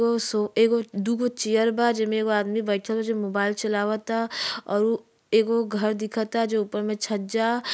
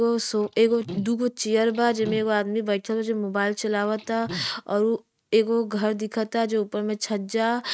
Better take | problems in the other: first | noise reduction (neural mask model RNNoise)

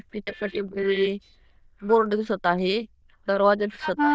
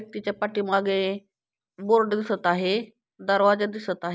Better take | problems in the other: second | noise reduction (neural diffusion model UNIVERSE++)

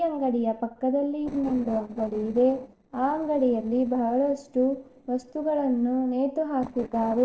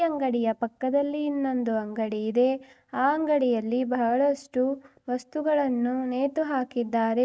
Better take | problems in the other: second | noise reduction (neural separator model SepFormer DNS4)

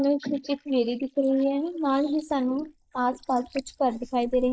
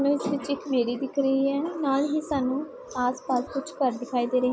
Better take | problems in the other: second | noise reduction (neural mask model Resemble Enhance denoiser)

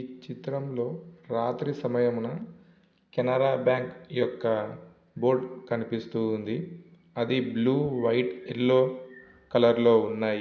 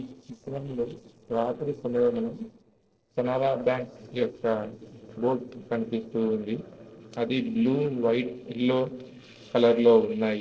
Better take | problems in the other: first | noise reduction (neural separator model SepFormer DNS4)

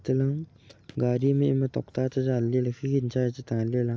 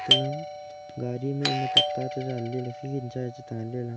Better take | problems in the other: first | background sound (Doorbell); 3 dB above the speech

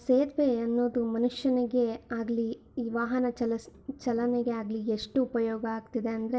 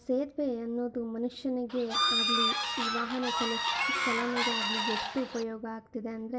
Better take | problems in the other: first | background sound (Bird / Fowl); 4 dB above the speech

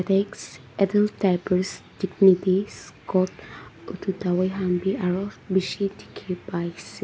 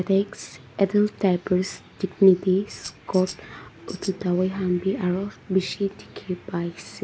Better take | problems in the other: first | background sound (Tambourine); 15 dB below the speech

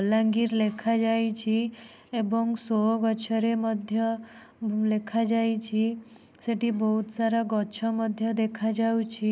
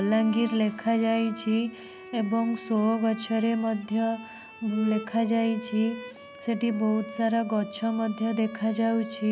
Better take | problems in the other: first | background sound (Bowed string instrument); 16 dB below the speech

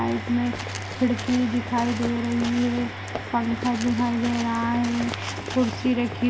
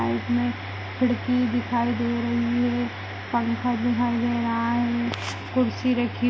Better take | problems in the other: second | background sound (Walk, footsteps + Run); 13 dB below the speech

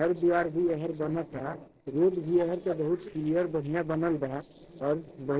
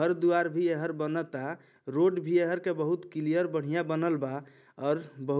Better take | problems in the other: second | noise reduction (neural separator model SepFormer DNS4)

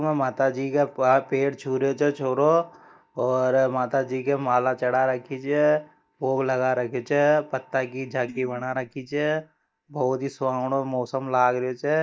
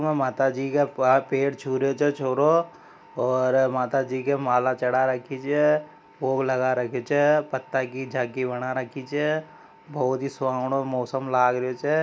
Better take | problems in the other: second | noise reduction (neural mask model DeepFilterNet 3)

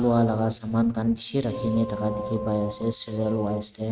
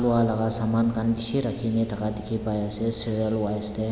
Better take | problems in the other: second | noise reduction (neural mask model RNNoise)

